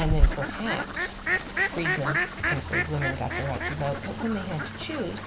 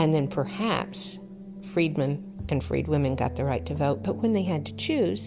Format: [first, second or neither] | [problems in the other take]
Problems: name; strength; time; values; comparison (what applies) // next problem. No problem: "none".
second | background sound (Fowl); 3 dB above the speech // room echo; dies away in 3 s